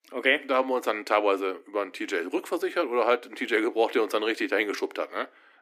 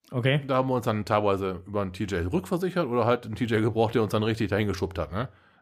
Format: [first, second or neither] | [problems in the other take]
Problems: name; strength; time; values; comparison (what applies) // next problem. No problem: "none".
second | thin; somewhat; fading below 300 Hz